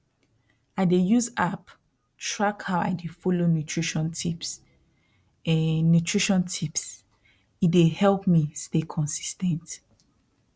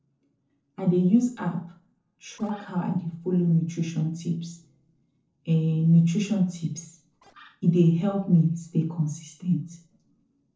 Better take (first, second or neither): first